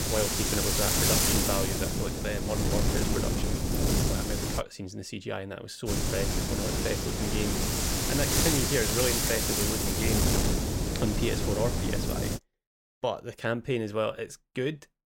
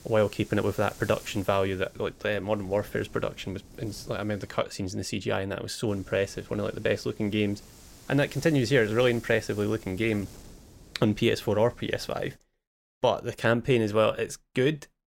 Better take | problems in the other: second | wind noise on the microphone; heavy; until 4.5 s and from 6 to 12 s; 4 dB above the speech; occasional gusts in the second

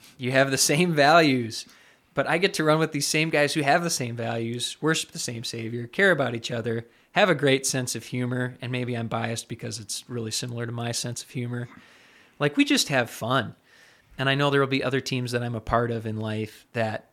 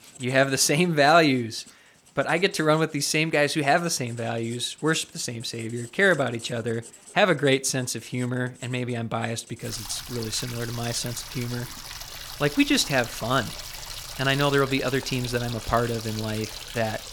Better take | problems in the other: first | household noises; noticeable; throughout; 15 dB below the speech

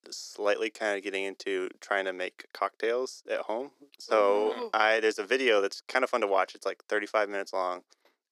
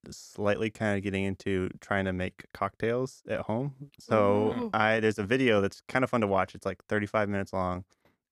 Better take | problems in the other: second | thin; somewhat; fading below 350 Hz

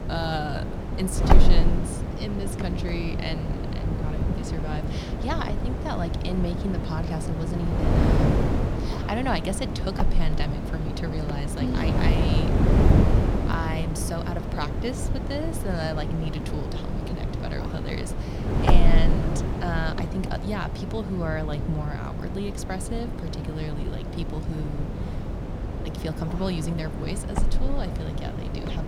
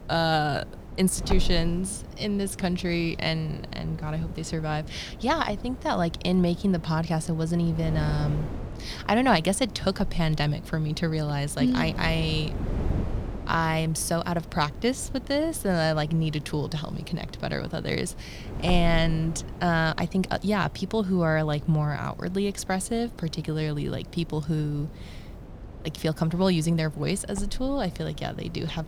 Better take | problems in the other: second | wind noise on the microphone; heavy; as loud as the speech; occasional gusts in the second

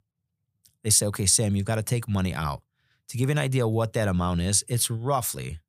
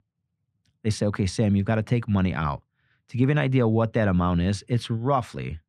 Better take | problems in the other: first | muffled; very; fading above 2.5 kHz

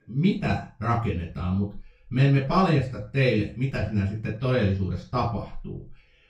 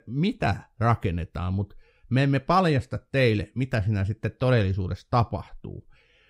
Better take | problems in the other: second | room echo; noticeable; dies away in 0.3 s // off-mic speech; far

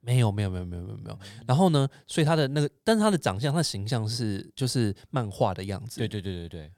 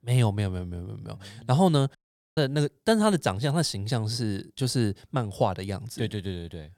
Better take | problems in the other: first | audio cutting out; at 2 s

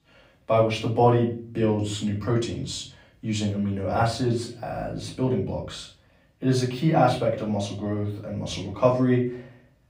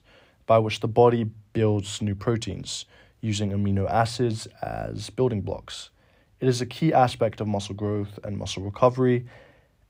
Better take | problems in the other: second | off-mic speech; far // room echo; slight; dies away in 0.4 s

